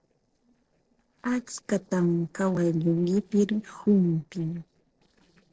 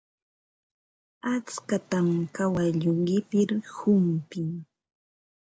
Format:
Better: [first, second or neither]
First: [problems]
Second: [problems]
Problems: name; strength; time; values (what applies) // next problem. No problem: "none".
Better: second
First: noise reduction (neural separator model SepFormer DNS4)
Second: none